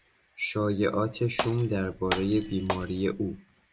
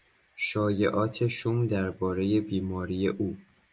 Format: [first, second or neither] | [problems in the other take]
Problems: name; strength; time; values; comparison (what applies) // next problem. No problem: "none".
second | background sound (Glass); 8 dB below the speech